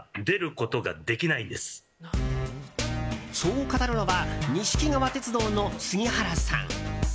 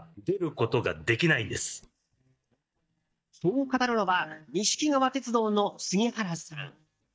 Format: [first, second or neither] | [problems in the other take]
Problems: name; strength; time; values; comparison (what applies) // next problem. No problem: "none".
first | noise reduction (neural mask model DeepFilterNet 3)